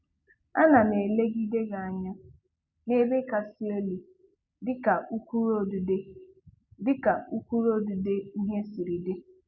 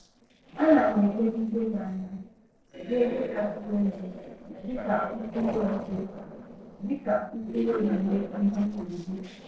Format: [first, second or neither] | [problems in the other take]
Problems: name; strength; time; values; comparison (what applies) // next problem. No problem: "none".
first | noise reduction (neural separator model SepFormer DNS4)